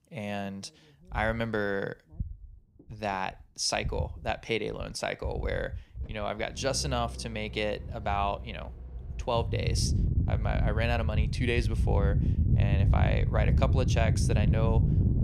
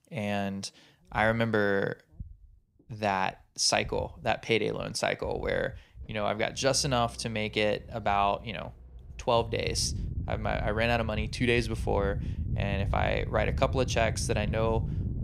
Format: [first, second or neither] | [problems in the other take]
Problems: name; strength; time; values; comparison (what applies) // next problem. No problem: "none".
second | low rumble; loud; throughout; 9 dB below the speech; faint in the second